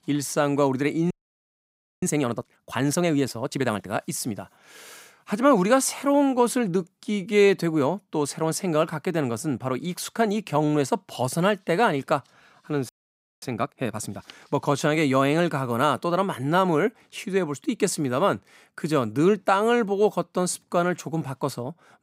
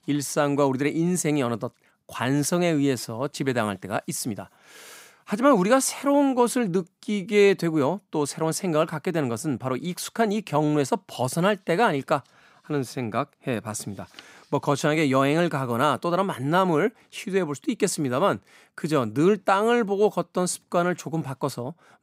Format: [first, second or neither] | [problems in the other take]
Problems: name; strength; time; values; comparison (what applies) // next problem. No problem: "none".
second | audio freezing; at 1 s for 1 s and at 13 s for 0.5 s